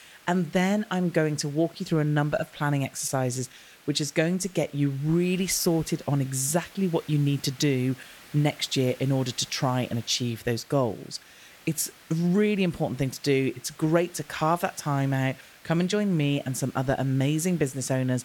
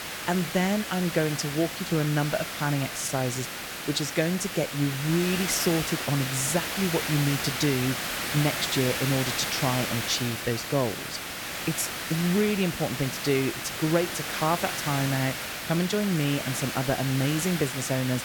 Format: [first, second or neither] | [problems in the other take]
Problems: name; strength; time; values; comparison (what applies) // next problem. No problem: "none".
first | hiss; loud; throughout; 3 dB below the speech; faint in the first